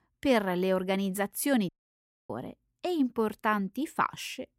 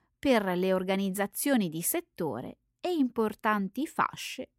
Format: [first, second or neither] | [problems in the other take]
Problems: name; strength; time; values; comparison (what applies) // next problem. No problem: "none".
second | audio cutting out; at 1.5 s for 0.5 s